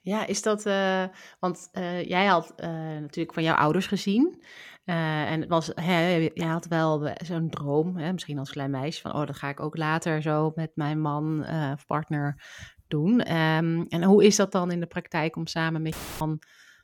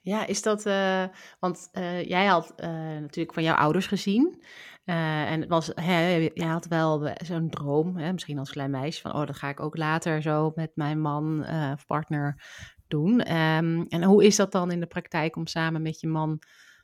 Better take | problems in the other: second | audio cutting out; filled with static; at 16 s

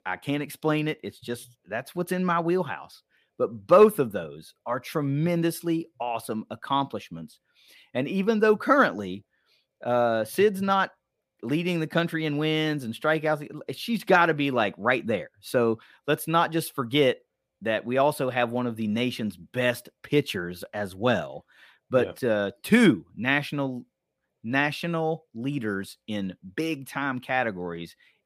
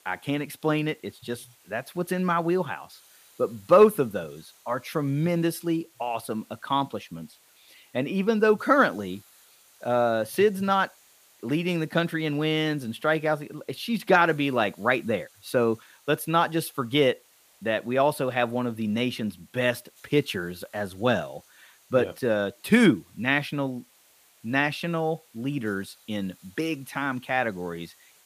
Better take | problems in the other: first | hiss; faint; throughout; 30 dB below the speech

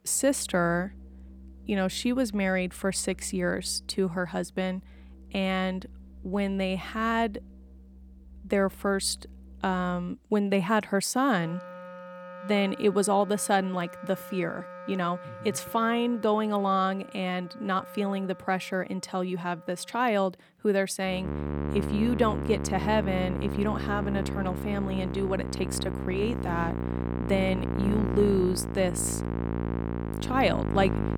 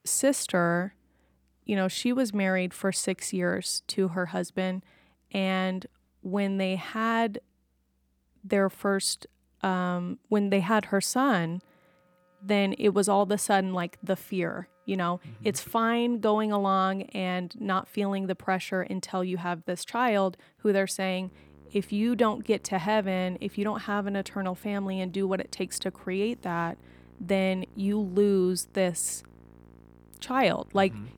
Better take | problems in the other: second | background music; loud; throughout; 6 dB below the speech; faint in the second

